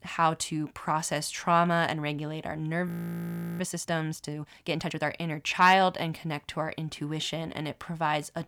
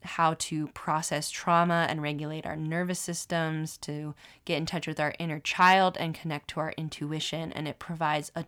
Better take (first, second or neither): second